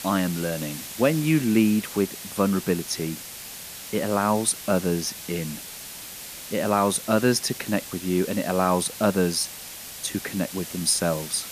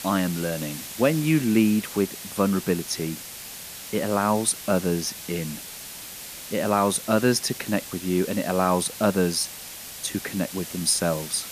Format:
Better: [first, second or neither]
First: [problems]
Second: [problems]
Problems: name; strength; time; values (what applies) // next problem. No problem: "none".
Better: neither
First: hiss; noticeable; throughout; 10 dB below the speech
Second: hiss; noticeable; throughout; 10 dB below the speech